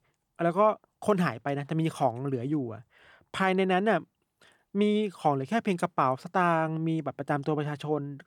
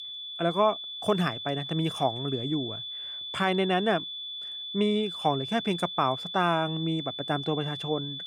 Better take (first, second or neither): first